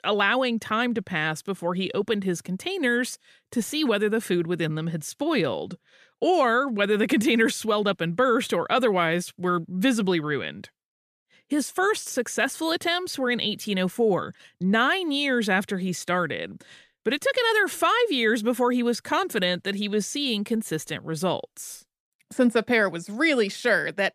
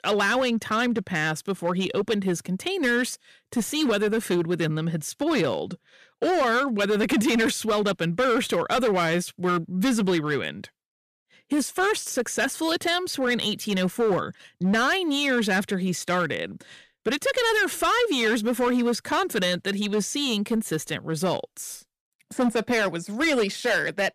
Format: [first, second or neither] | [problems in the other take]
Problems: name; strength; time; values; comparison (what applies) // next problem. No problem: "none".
first | distortion; slight; 10% of the sound clipped